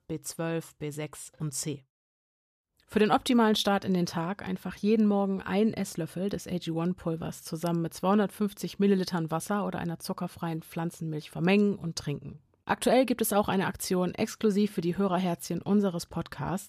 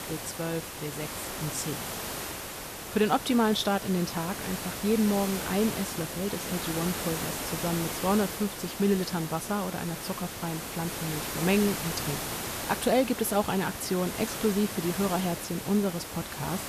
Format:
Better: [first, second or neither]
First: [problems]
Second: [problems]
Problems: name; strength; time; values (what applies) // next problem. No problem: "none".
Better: first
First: none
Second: hiss; loud; throughout; 5 dB below the speech